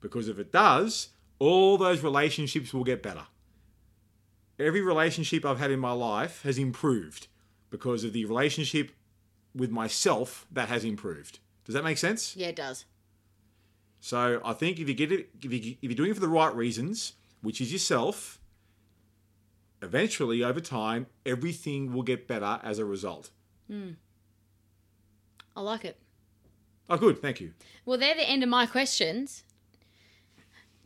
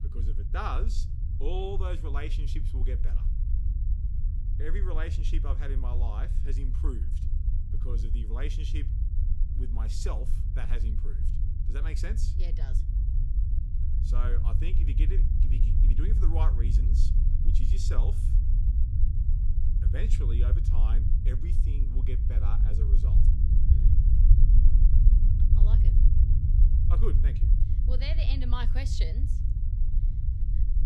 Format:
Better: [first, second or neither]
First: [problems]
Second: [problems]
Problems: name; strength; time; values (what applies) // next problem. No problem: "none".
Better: first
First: none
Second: low rumble; loud; throughout; 4 dB below the speech